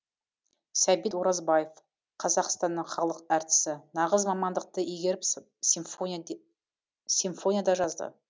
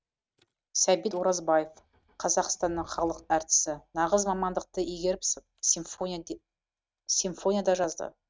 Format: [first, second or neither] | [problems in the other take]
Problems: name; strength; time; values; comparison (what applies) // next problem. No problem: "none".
first | noise reduction (neural mask model RNNoise)